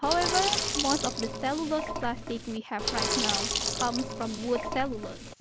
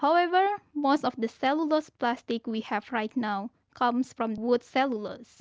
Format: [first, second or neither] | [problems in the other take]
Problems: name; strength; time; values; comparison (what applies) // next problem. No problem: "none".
second | background sound (Sink (filling or washing)); as loud as the speech